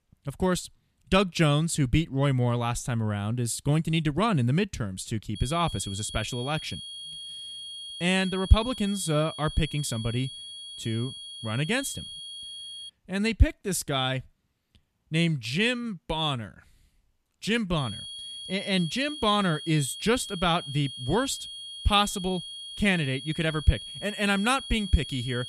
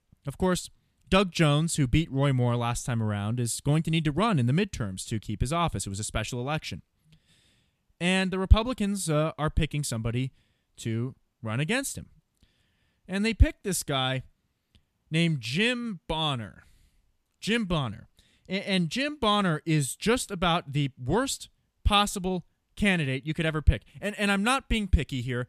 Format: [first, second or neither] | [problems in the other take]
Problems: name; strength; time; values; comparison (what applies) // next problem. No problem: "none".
second | high-pitched whine; noticeable; from 5.5 to 13 s and from 18 s on; 3.5 kHz, 10 dB below the speech